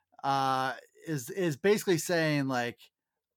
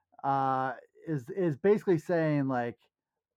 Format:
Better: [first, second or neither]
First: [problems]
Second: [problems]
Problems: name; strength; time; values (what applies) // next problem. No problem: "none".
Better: first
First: none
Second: muffled; very; fading above 2.5 kHz